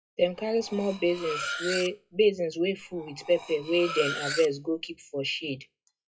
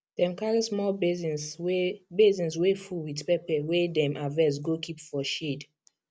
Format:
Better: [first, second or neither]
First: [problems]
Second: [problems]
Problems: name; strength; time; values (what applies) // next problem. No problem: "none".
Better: second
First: noise reduction (classical method WPE with log-MMSE)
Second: none